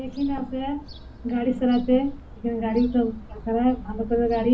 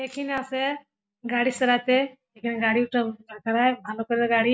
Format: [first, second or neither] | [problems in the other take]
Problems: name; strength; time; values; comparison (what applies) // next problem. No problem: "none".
second | background sound (Gull, seagull / Fowl); 14 dB below the speech // room echo; dies away in 0.3 s